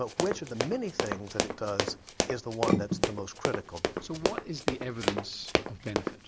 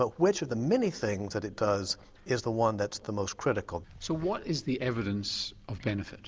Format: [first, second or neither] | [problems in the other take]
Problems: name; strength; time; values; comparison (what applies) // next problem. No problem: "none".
second | background sound (Run); 4 dB above the speech